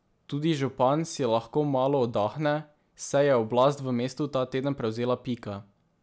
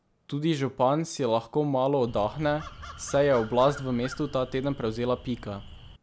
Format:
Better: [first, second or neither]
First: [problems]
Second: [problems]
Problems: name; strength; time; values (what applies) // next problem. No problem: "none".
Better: first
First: none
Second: background sound (Crow); 16 dB below the speech